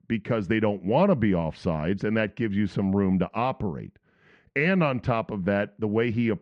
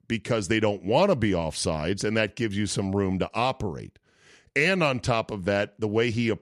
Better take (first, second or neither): second